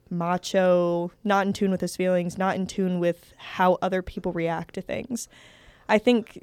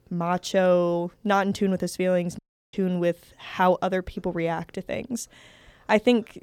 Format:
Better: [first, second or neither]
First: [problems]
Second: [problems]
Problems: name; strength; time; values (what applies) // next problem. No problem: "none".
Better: first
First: none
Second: audio cutting out; at 2.5 s